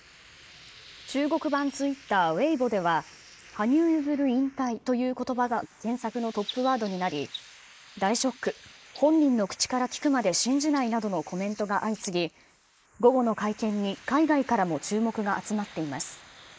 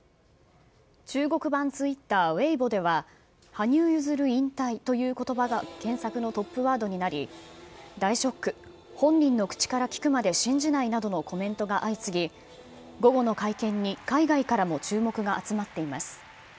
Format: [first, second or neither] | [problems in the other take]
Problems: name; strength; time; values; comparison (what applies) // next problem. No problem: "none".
second | noise reduction (neural mask model Resemble Enhance denoiser)